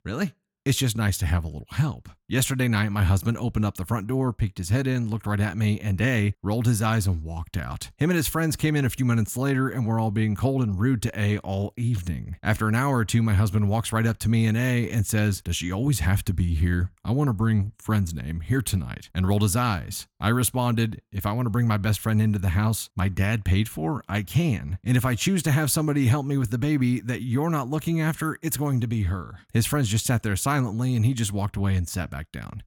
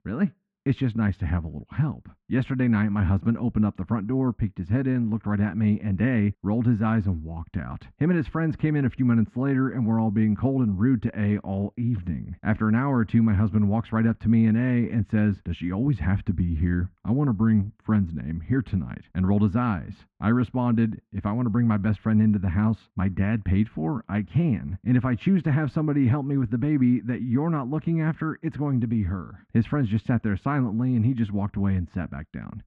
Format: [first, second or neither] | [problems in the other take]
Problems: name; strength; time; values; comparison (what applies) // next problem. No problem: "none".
first | muffled; very; fading above 2 kHz